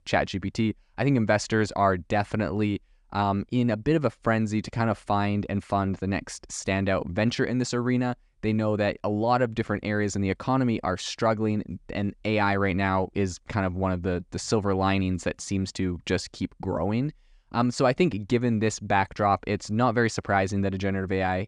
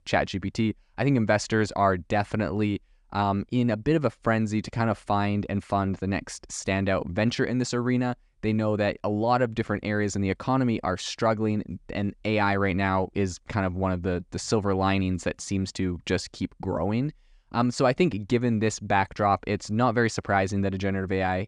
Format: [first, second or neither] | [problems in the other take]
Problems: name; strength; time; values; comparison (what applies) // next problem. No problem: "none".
neither | none